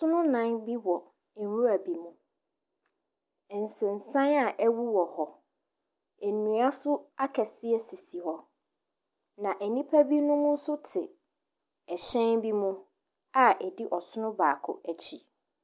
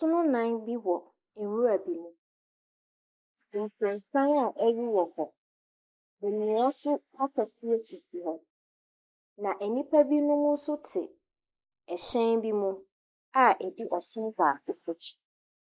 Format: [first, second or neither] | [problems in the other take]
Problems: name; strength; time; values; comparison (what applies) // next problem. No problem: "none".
first | noise reduction (neural mask model Resemble Enhance denoiser)